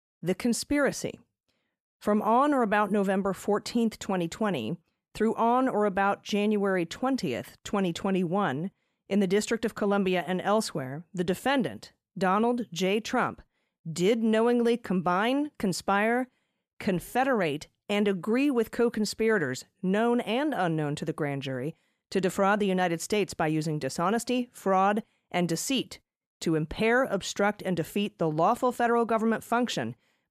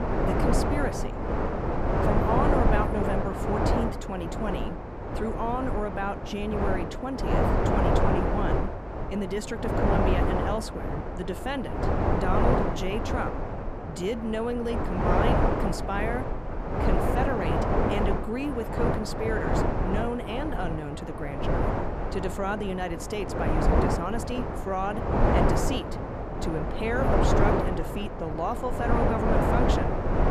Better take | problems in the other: first | wind noise on the microphone; heavy; 3 dB above the speech

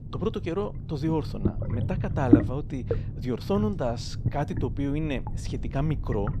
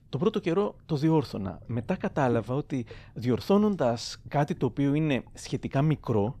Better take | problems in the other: second | low rumble; loud; throughout; 1 dB below the speech; faint in the second

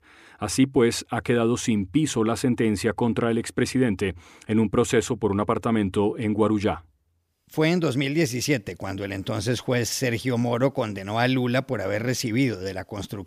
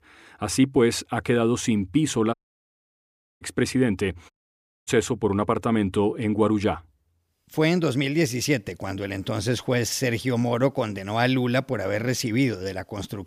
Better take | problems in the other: first | audio cutting out; at 2.5 s for 1 s and at 4.5 s for 0.5 s

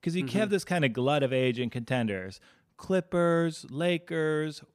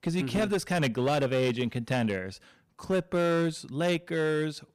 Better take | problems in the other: first | distortion; slight; 12% of the sound clipped

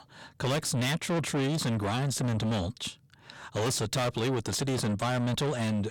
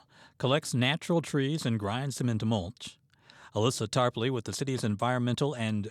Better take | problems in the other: second | distortion; heavy; 5 dB below the speech

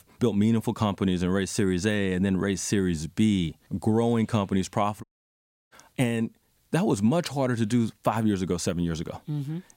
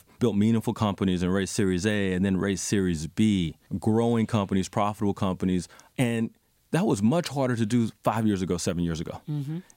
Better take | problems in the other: second | audio cutting out; at 5 s for 0.5 s

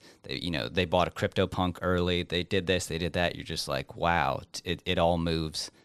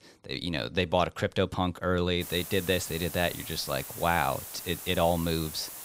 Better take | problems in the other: first | hiss; loud; from 2 s on; 10 dB below the speech

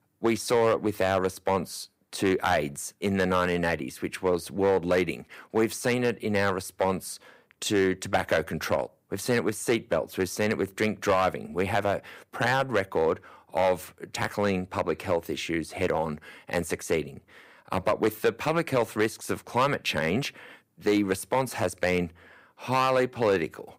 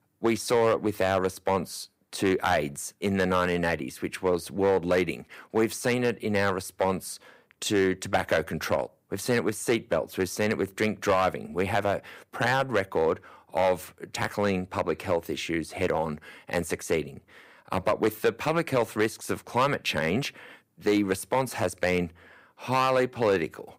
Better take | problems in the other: neither | distortion; slight; 3% of the sound clipped; the same in both

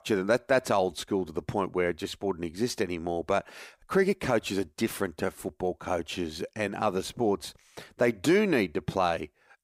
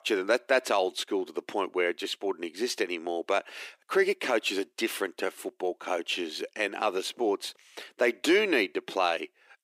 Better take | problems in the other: first | thin; somewhat; fading below 300 Hz

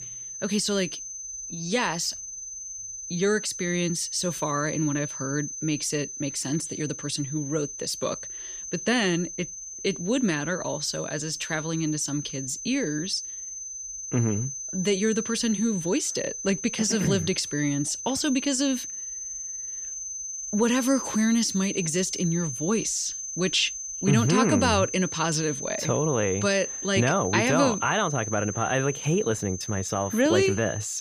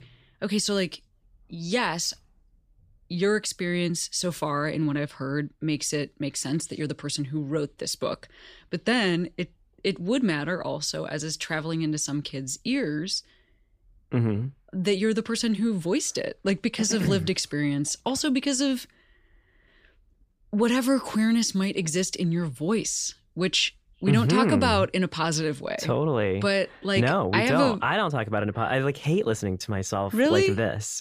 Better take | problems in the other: second | high-pitched whine; loud; throughout; 6 kHz, 7 dB below the speech

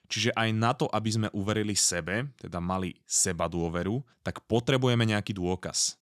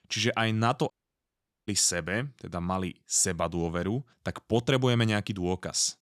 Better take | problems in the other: first | audio cutting out; at 1 s for 1 s

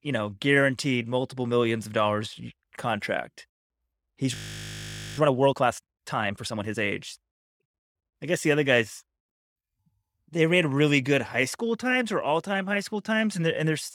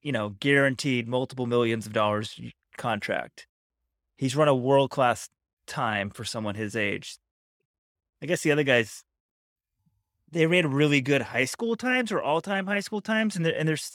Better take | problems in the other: second | audio freezing; at 4.5 s for 1 s

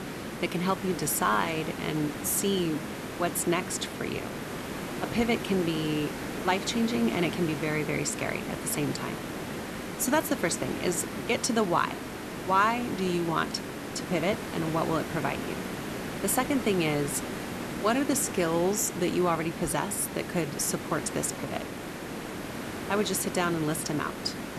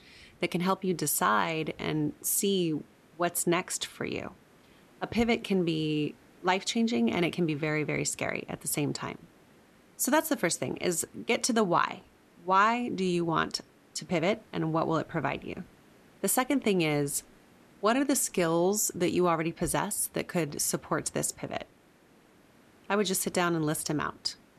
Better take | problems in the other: second | hiss; loud; throughout; 7 dB below the speech; faint in the second

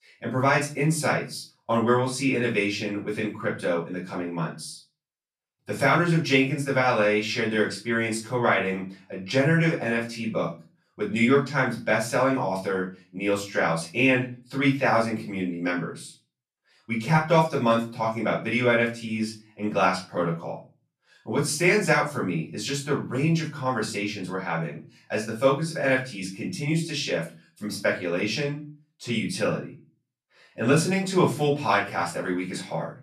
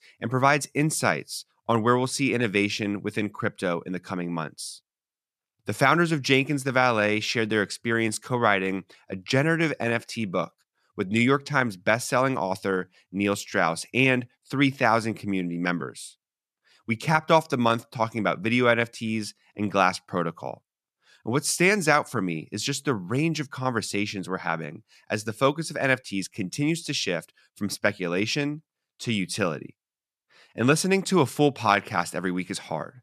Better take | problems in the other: second | off-mic speech; far // room echo; slight; dies away in 0.3 s

